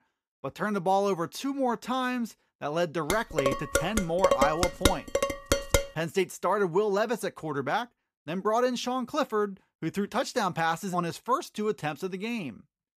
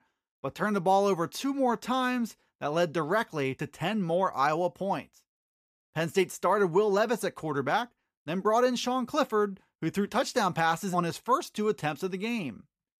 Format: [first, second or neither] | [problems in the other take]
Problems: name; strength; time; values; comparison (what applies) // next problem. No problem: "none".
second | clattering dishes; loud; from 3 to 6 s; peak 4 dB above the speech